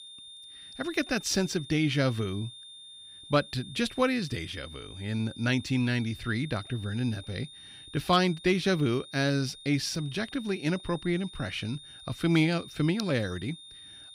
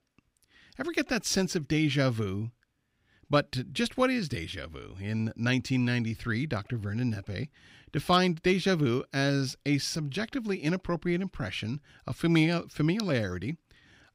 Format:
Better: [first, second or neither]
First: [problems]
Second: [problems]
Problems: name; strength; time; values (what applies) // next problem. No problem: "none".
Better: second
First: high-pitched whine; noticeable; throughout; 3.5 kHz, 15 dB below the speech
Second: none